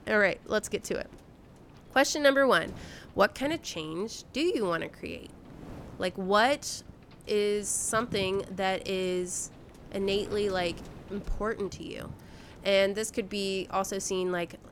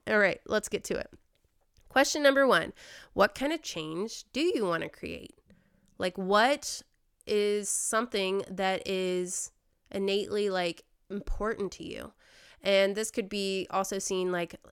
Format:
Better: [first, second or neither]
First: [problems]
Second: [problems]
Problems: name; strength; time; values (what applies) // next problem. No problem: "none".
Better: second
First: wind noise on the microphone; occasional gusts; 25 dB below the speech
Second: none